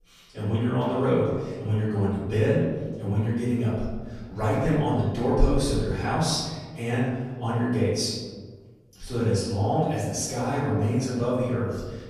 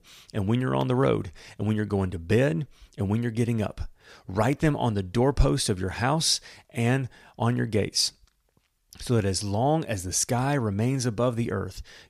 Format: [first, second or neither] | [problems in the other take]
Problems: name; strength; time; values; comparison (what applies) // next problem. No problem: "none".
second | off-mic speech; far // room echo; strong; dies away in 1.4 s